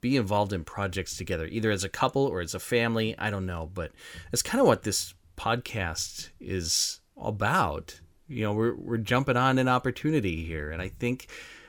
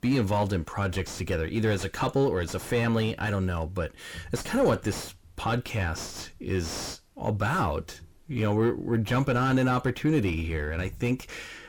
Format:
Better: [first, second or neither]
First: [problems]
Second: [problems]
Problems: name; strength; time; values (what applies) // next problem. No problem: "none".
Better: first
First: none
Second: distortion; heavy; 5 dB below the speech